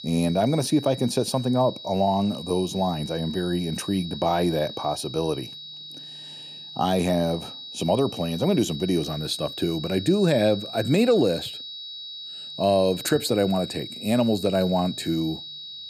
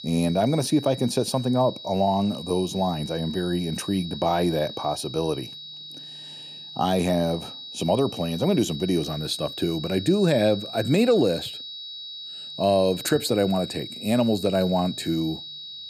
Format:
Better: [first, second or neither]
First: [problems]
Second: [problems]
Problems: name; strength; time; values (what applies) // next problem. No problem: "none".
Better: neither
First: high-pitched whine; noticeable; throughout; 4 kHz, 10 dB below the speech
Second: high-pitched whine; noticeable; throughout; 4 kHz, 10 dB below the speech